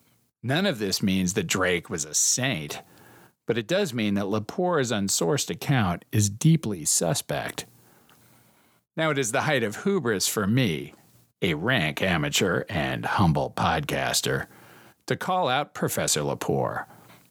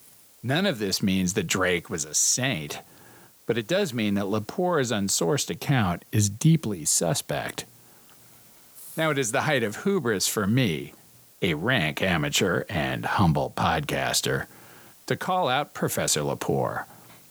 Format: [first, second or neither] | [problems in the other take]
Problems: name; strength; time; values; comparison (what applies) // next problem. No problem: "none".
first | hiss; faint; throughout; 25 dB below the speech